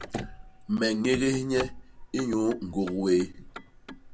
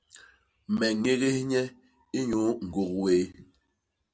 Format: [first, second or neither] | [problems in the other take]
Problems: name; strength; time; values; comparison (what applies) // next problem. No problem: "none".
second | background sound (Motor vehicle (road)); 12 dB below the speech